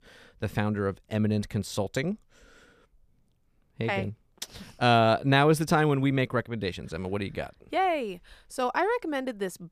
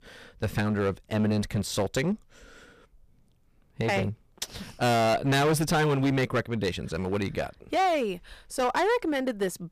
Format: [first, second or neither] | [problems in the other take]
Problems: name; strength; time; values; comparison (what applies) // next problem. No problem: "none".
first | distortion; heavy; 11% of the sound clipped